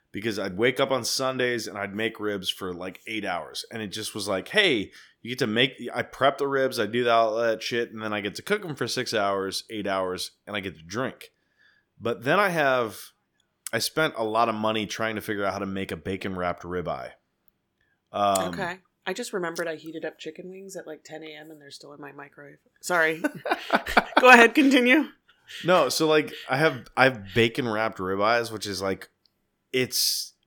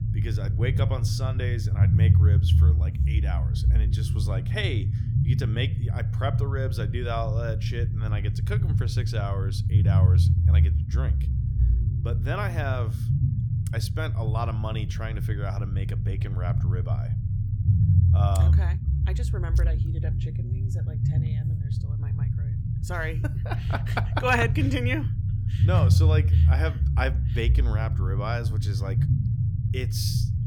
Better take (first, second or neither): first